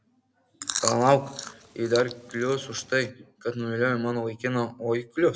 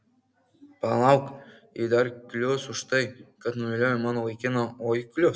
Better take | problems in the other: second | background sound (Chewing, mastication); 9 dB below the speech

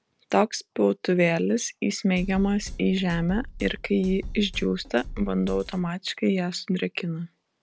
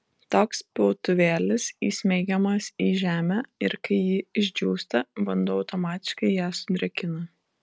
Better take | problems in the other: second | background sound (Drum kit); 12 dB below the speech

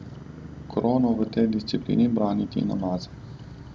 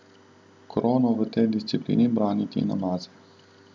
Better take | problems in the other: second | background sound (Motorcycle); 15 dB below the speech

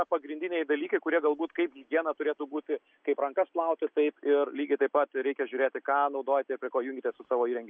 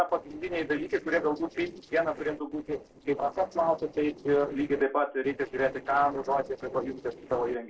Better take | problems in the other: first | noise reduction (neural separator model SepFormer DNS4)

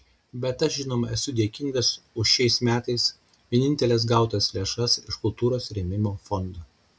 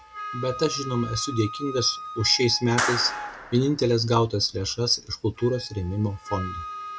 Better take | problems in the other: first | background sound (Clapping + Wind instrument, woodwind instrument); 9 dB below the speech

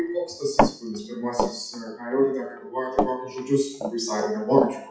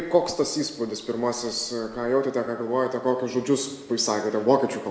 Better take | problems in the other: second | noise reduction (classical method WPE with log-MMSE)

